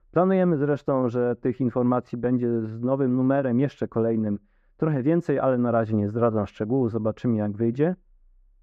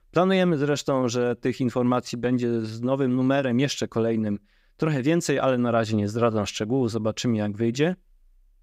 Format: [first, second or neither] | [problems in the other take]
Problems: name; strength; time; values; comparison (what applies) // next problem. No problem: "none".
second | muffled; very; fading above 2.5 kHz